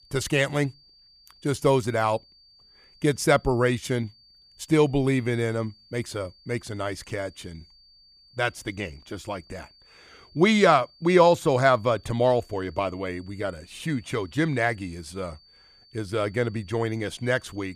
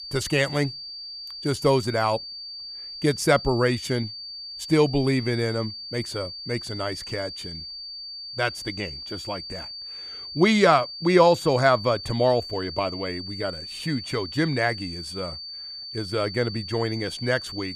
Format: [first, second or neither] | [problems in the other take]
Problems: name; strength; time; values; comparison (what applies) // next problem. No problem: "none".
first | high-pitched whine; loud; throughout; 4.5 kHz, 10 dB below the speech; faint in the first